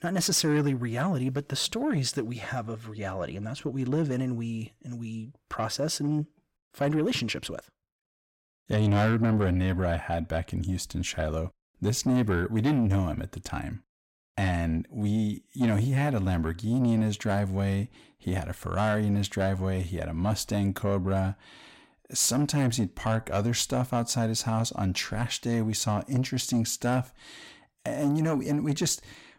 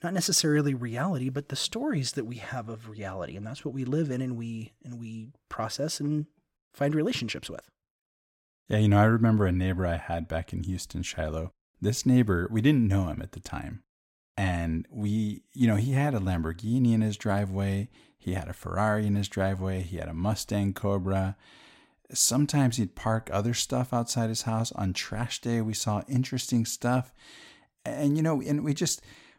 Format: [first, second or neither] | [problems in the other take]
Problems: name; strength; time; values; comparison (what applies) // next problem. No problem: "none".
second | distortion; slight; 10 dB below the speech